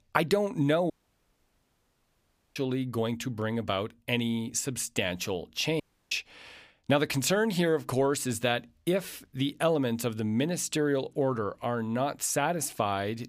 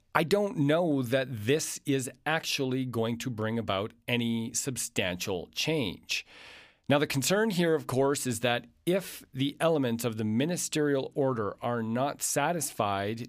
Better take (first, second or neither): second